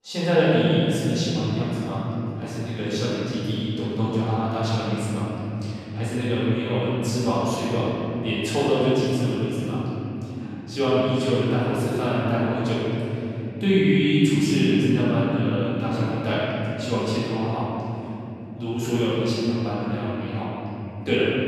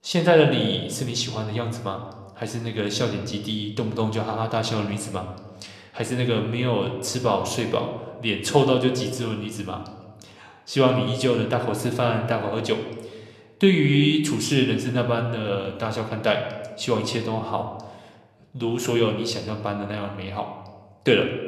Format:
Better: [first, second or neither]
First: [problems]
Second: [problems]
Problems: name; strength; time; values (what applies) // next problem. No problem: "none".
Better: second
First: room echo; strong; dies away in 3 s // off-mic speech; far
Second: room echo; slight; dies away in 0.9 s